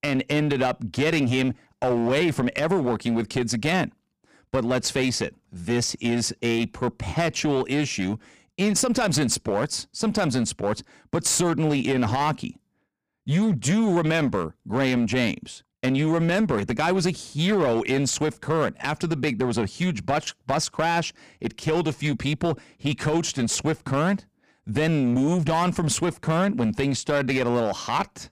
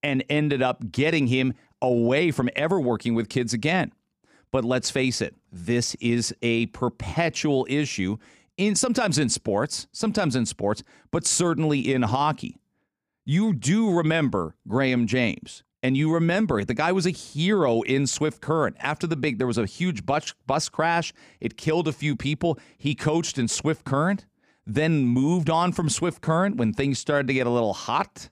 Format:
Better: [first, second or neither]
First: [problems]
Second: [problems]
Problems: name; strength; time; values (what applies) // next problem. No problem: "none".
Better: second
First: distortion; slight; 8% of the sound clipped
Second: none